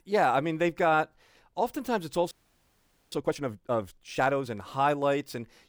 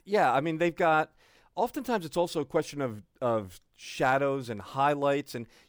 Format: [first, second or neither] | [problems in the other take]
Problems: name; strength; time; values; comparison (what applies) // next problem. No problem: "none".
second | audio freezing; at 2.5 s for 1 s